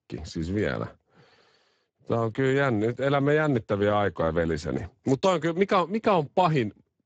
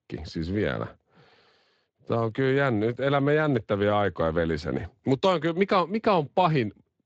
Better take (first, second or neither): second